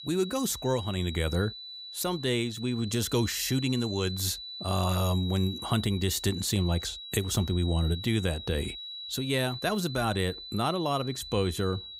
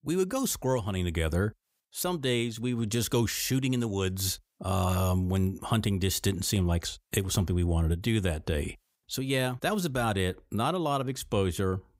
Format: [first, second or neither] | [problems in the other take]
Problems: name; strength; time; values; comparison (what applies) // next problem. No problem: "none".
second | high-pitched whine; loud; throughout; 4 kHz, 9 dB below the speech